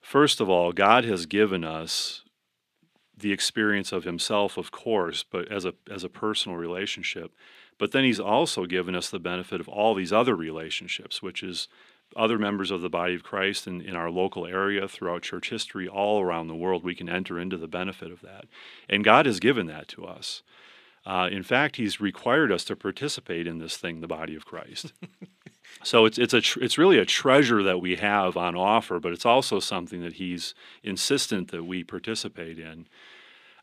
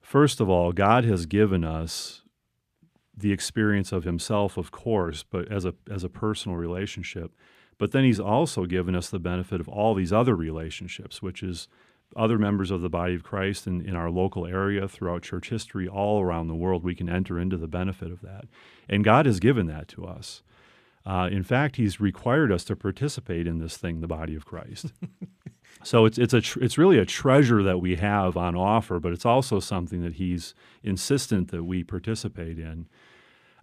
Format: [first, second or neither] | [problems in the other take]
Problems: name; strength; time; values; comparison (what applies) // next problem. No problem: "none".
second | thin; very slightly; fading below 250 Hz